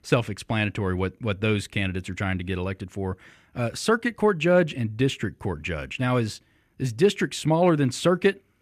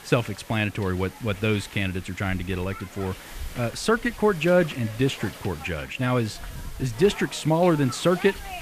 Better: first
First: none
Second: hiss; noticeable; throughout; 15 dB below the speech

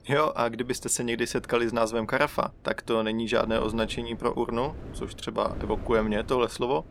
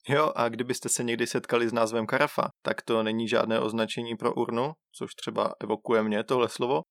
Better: second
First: wind noise on the microphone; occasional gusts; 20 dB below the speech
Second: none

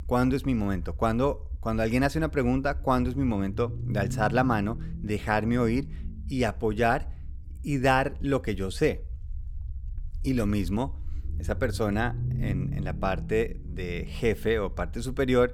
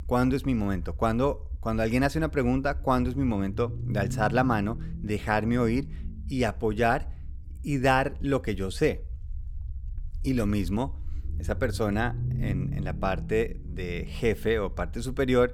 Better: neither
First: low rumble; faint; throughout; 20 dB below the speech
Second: low rumble; faint; throughout; 20 dB below the speech

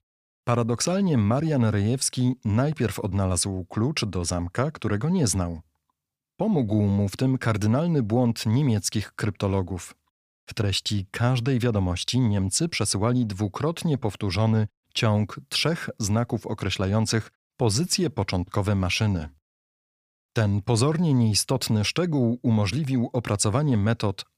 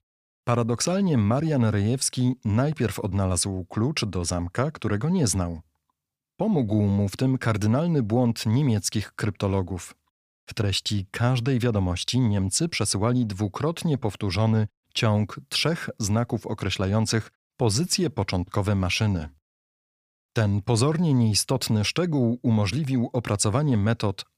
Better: neither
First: none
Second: none

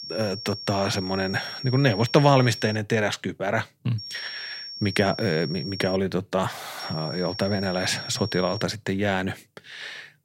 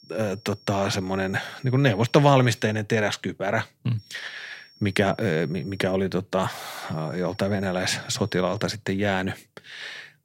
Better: second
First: high-pitched whine; loud; until 3 s, from 4 to 6 s and from 7 to 8.5 s; 5.5 kHz, 10 dB below the speech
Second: high-pitched whine; faint; until 3 s, from 4 to 6 s and from 7 to 8.5 s; 5.5 kHz, 25 dB below the speech

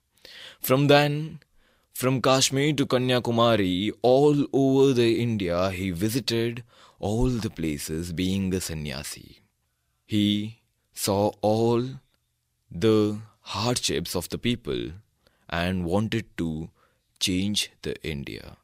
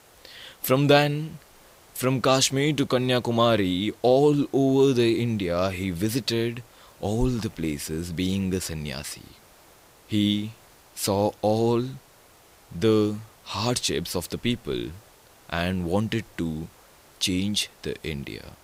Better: first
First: none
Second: hiss; faint; throughout; 30 dB below the speech

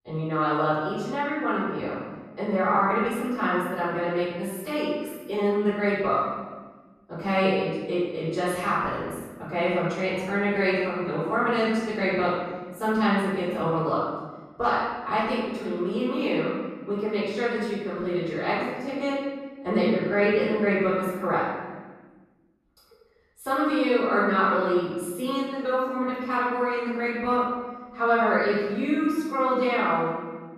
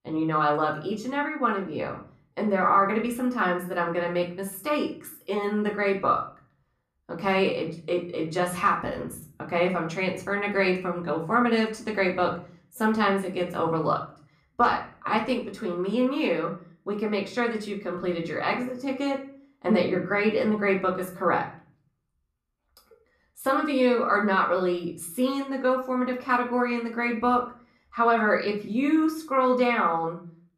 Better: second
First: room echo; strong; dies away in 1.3 s // off-mic speech; far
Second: room echo; slight; dies away in 0.4 s // off-mic speech; far

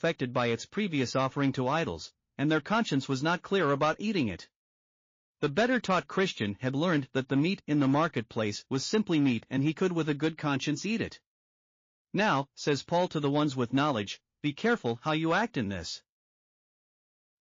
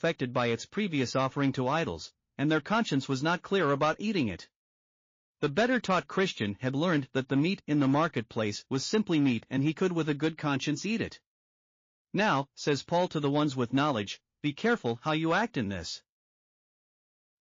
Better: neither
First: garbled, watery; slightly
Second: garbled, watery; slightly

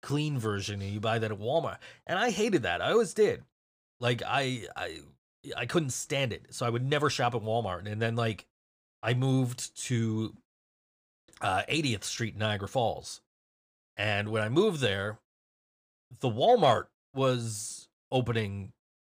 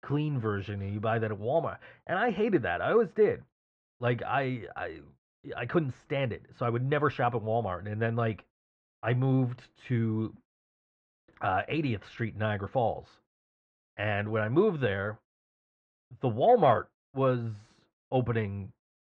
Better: first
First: none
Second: muffled; very; fading above 2 kHz

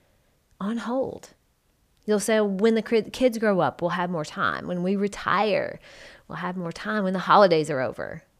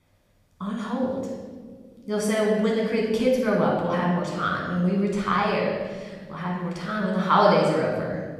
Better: first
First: none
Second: off-mic speech; far // room echo; noticeable; dies away in 1.5 s

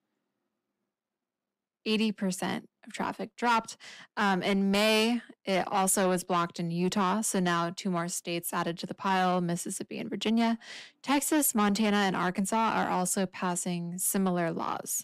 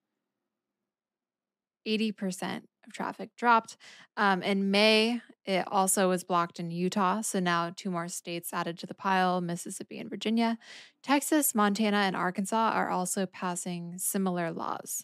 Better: second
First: distortion; slight; 10 dB below the speech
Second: none

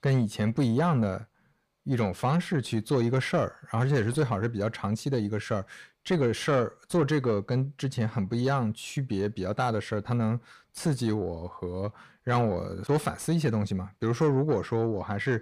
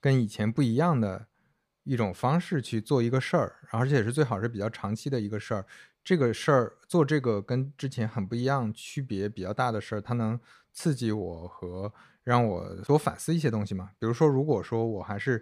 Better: second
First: distortion; slight; 10 dB below the speech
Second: none

